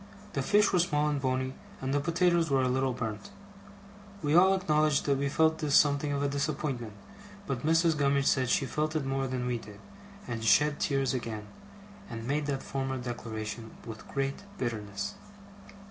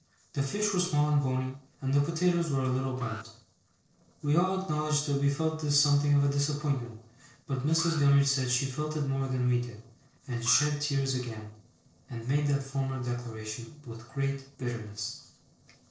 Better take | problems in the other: first | noise reduction (neural separator model SepFormer DNS4)

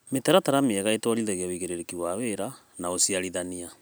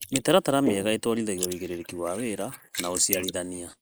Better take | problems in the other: first | noise reduction (neural mask model Resemble Enhance denoiser)

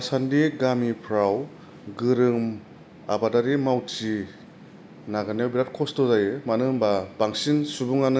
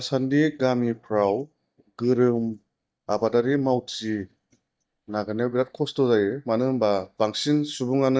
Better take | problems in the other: first | noise reduction (neural mask model DeepFilterNet 3)

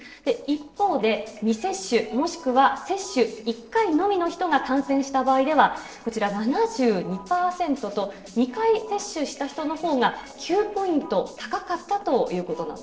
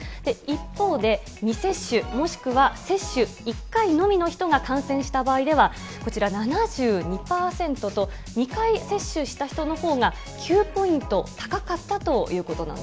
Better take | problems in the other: second | noise reduction (neural separator model SepFormer DNS4)

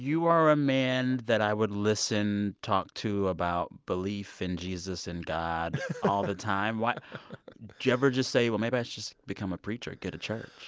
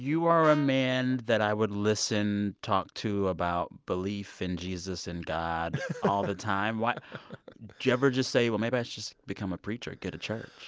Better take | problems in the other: first | background sound (Brass instrument); 14 dB below the speech

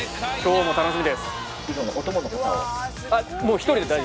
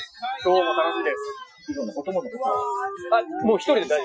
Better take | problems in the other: first | noise reduction (classical method Wiener filter)

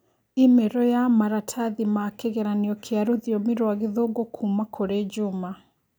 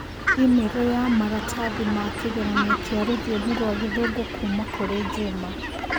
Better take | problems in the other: first | background sound (Fowl); 4 dB below the speech

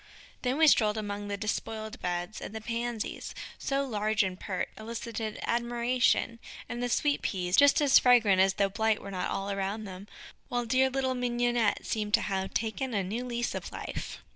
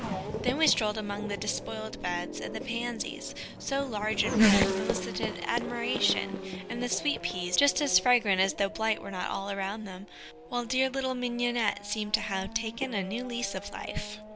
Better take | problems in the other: first | background sound (Race car, auto racing / Accelerating, revving, vroom); 3 dB below the speech

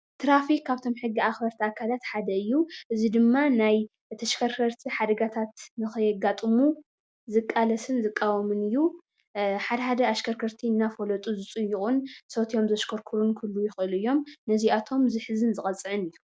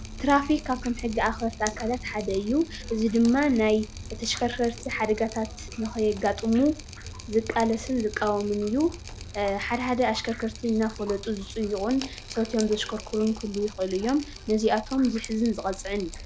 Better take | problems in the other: first | background sound (Drip); 13 dB below the speech

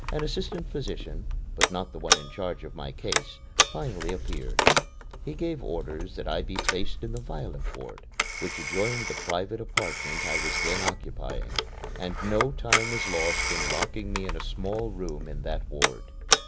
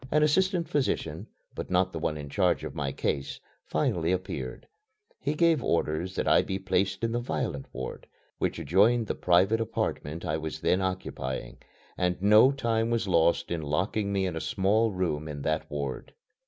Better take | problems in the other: second | background sound (Telephone); 5 dB above the speech

